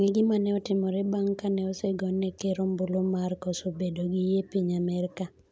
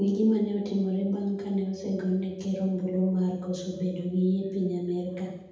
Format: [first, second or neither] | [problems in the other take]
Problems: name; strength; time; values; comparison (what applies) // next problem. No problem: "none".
first | room echo; dies away in 0.8 s